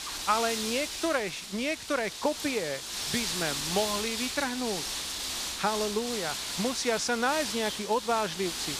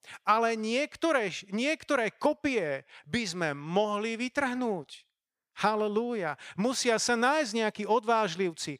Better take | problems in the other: second | wind noise on the microphone; heavy; 3 dB below the speech

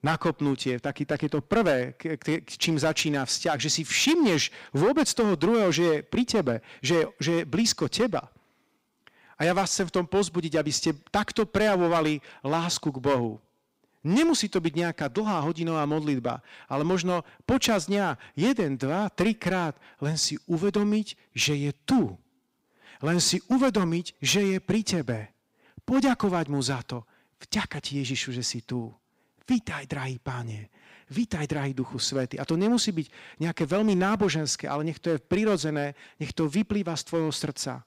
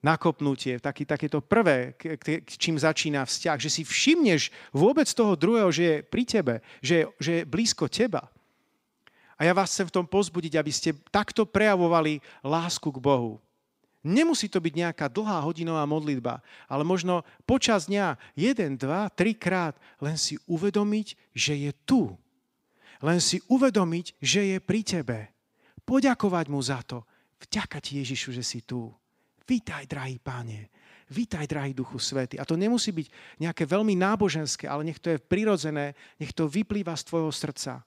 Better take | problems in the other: second | distortion; slight; 5% of the sound clipped

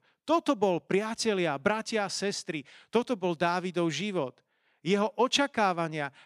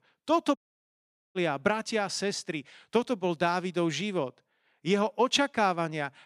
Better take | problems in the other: first | audio cutting out; at 0.5 s for 1 s

